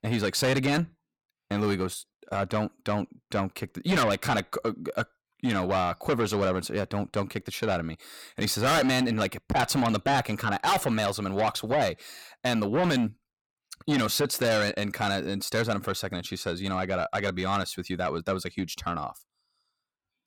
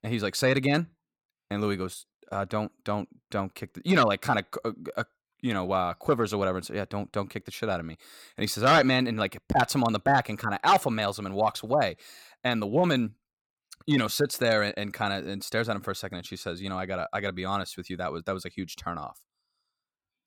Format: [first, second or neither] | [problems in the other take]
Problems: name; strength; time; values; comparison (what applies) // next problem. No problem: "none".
second | distortion; heavy; 8 dB below the speech